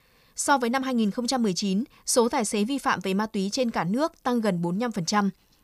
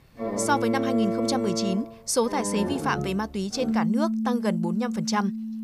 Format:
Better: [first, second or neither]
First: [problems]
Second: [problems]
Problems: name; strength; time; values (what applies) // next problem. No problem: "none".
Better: first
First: none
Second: background music; loud; throughout; 2 dB below the speech